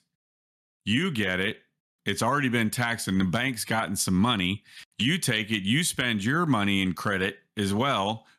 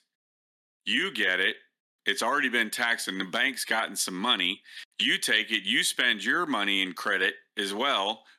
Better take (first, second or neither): first